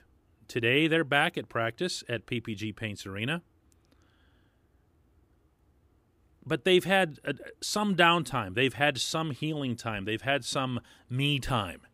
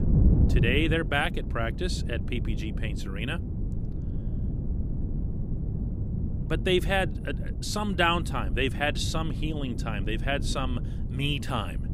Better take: first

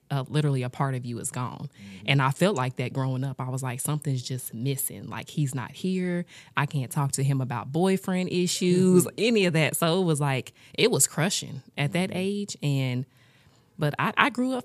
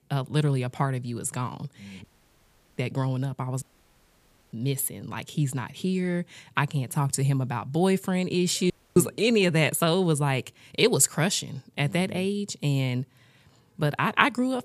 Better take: first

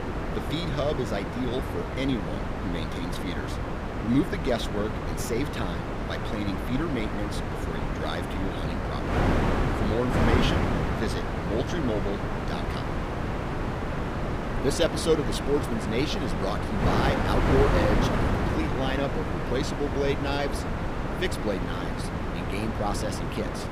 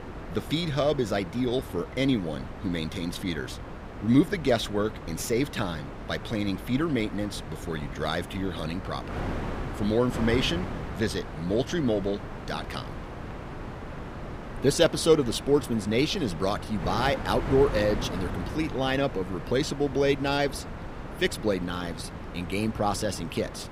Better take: second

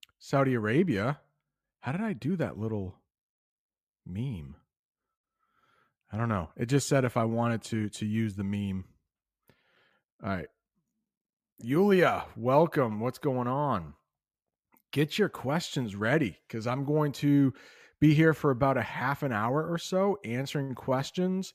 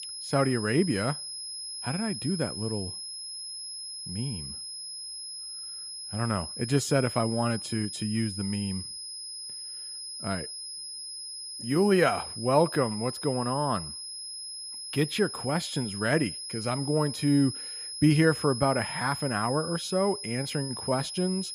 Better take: first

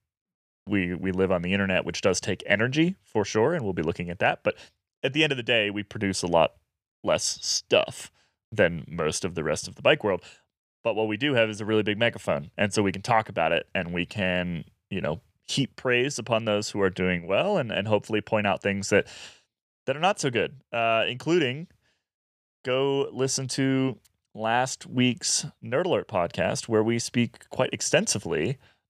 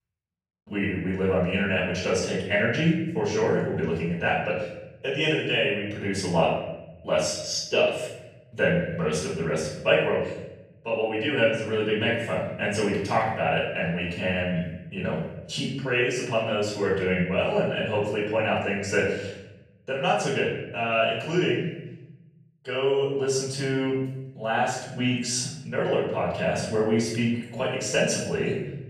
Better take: first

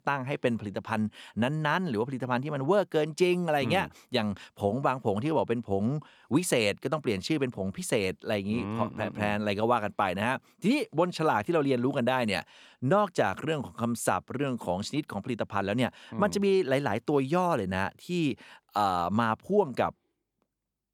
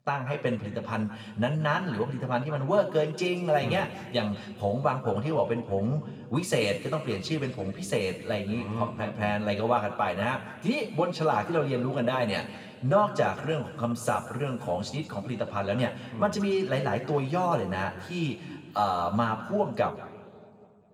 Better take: first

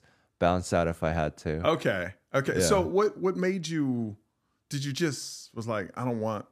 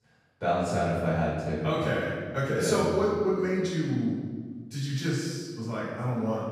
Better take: first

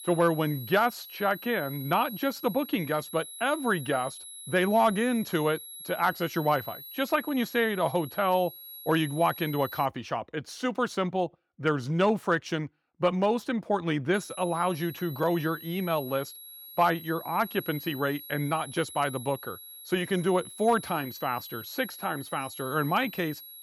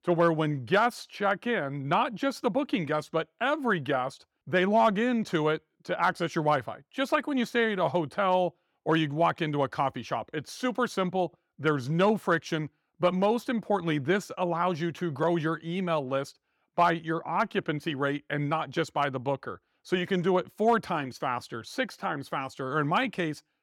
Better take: second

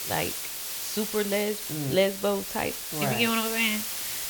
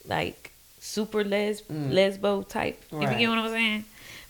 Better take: second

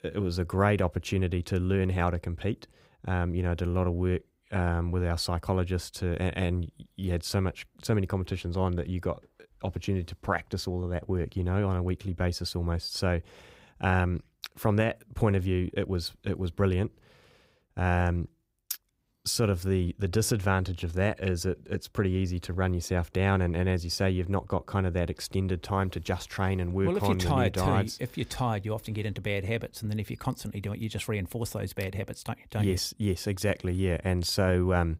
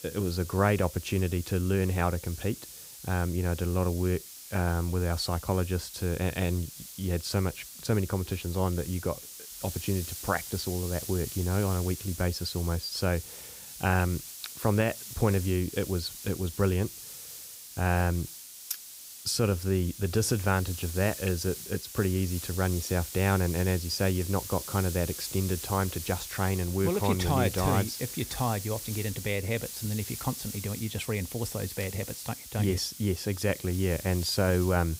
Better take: first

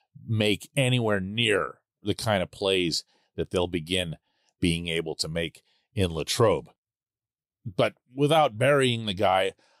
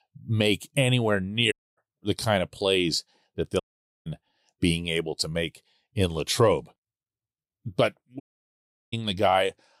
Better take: first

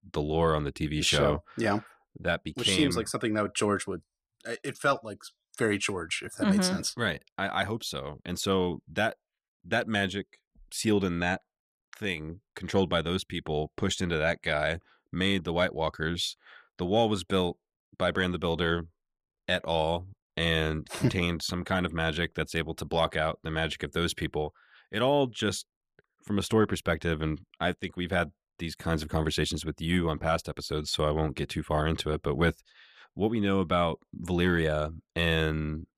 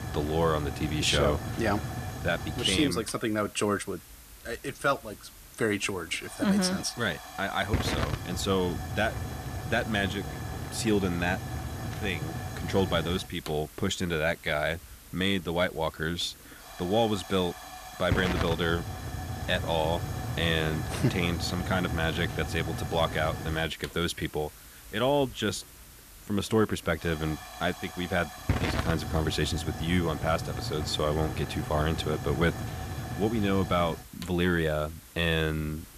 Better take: first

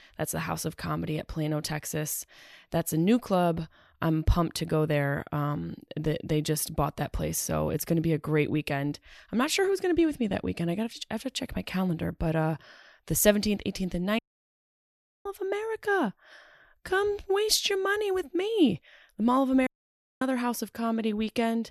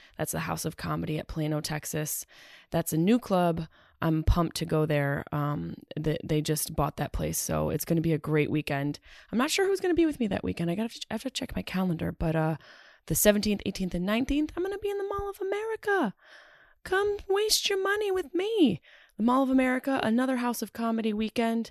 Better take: second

